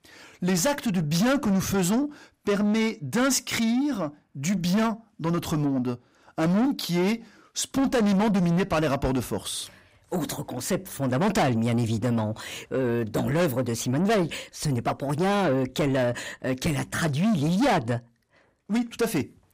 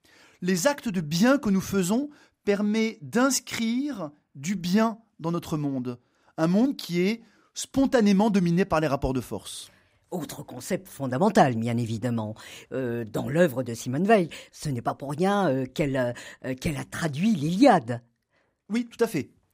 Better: second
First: distortion; heavy; 7 dB below the speech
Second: none

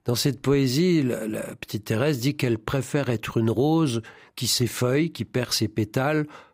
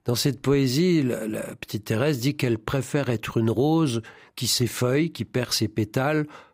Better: neither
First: none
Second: none

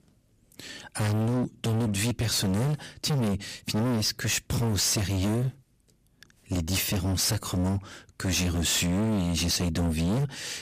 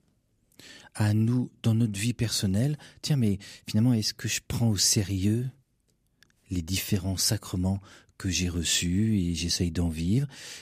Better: second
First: distortion; heavy; 29% of the sound clipped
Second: none

